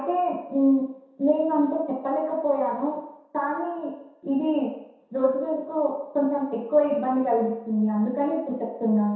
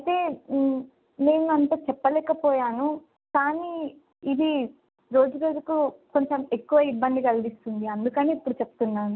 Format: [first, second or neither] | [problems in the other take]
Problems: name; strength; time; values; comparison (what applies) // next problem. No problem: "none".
second | room echo; dies away in 0.7 s